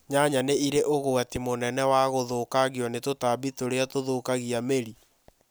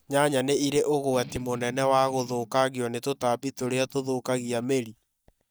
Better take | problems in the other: first | noise reduction (neural mask model DeepFilterNet 3)

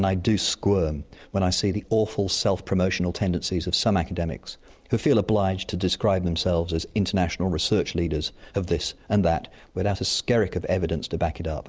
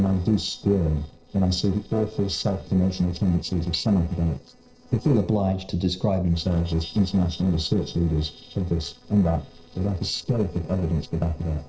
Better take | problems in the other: first | noise reduction (neural separator model SepFormer DNS4)

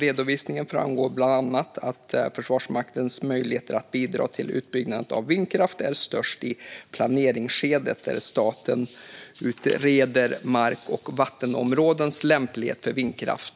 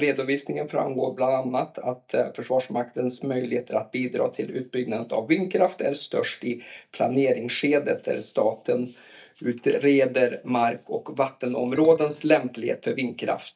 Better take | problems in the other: first | noise reduction (neural mask model DeepFilterNet 3)

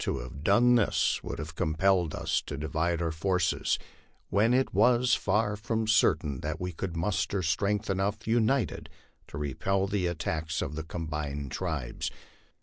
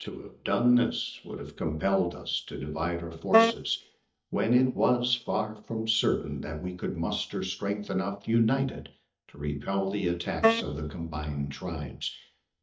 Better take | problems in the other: first | noise reduction (neural mask model DeepFilterNet 3)

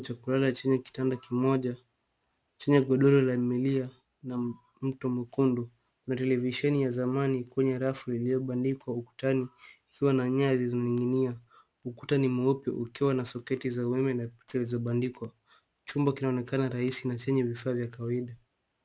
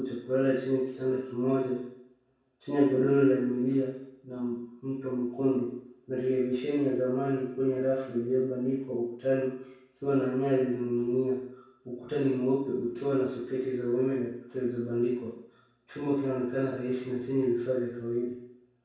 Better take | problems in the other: first | room echo; dies away in 0.7 s

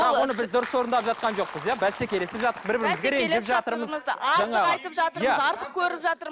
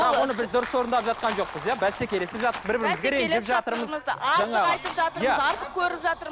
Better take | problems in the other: first | background sound (Sliding door + Rattle); 17 dB below the speech

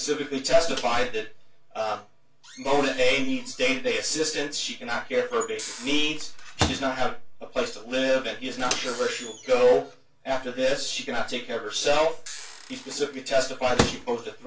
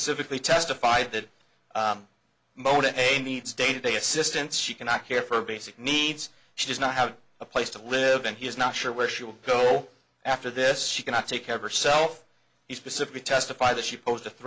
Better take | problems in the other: second | background sound (Microwave oven); 12 dB below the speech // room echo; dies away in 0.2 s

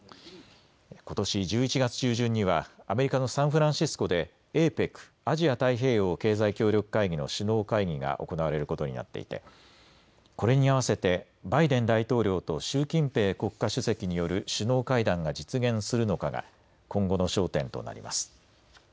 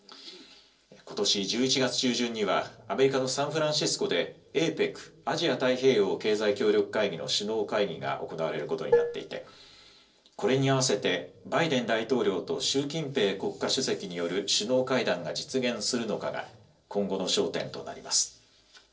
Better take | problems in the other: first | noise reduction (neural separator model SepFormer DNS4)

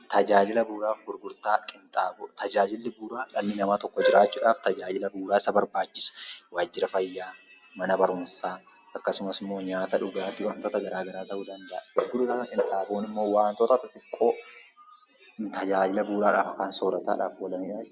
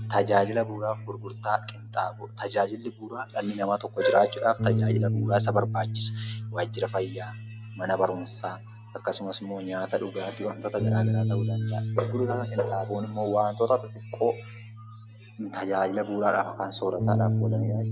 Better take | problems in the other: first | background sound (Bass guitar); 3 dB below the speech

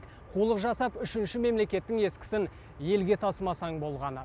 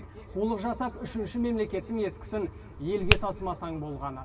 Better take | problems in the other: first | background sound (Finger snapping); 4 dB above the speech // room echo; dies away in 2.5 s

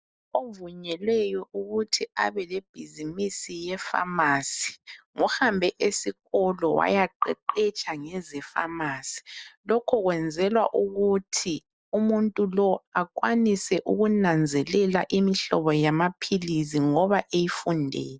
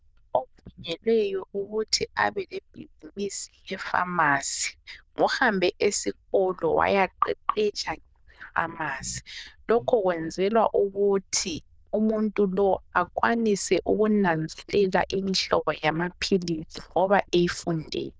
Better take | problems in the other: first | noise reduction (neural diffusion model UNIVERSE++)

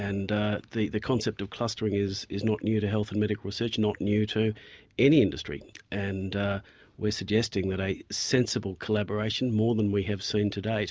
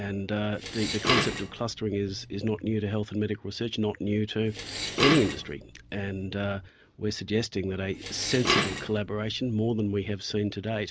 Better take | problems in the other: first | background sound (Dishes, pots, and pans); 3 dB below the speech

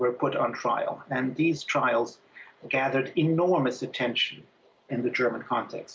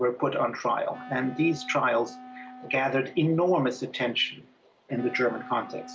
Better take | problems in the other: first | background sound (Wind instrument, woodwind instrument); 18 dB below the speech

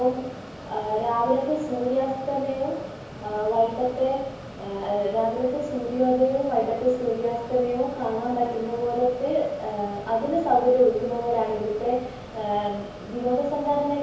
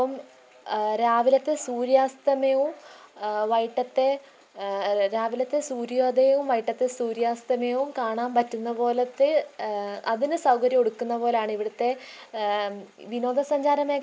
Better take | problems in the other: second | background sound (Mechanisms); 15 dB below the speech // room echo; dies away in 2.2 s

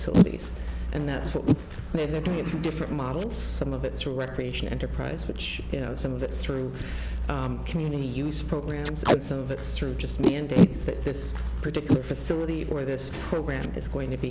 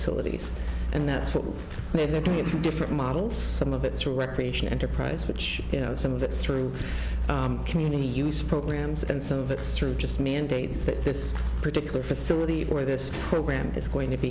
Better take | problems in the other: second | background sound (Packing tape, duct tape); 2 dB below the speech

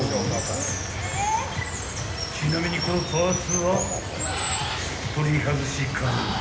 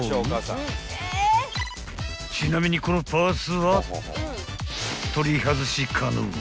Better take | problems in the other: second | background sound (Water); 3 dB below the speech // room echo; dies away in 1 s

